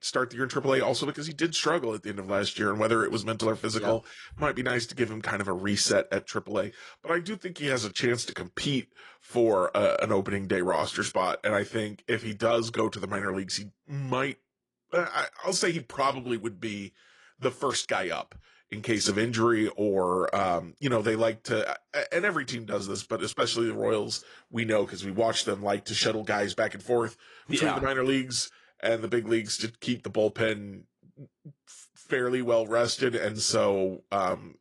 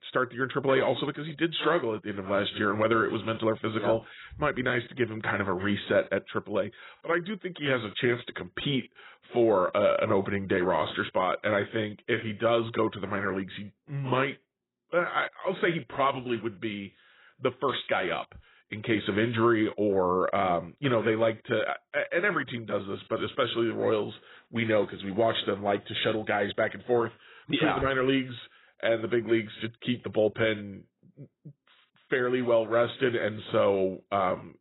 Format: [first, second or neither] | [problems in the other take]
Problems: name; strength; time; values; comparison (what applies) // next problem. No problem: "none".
first | garbled, watery; badly; nothing above 4 kHz; slightly in the first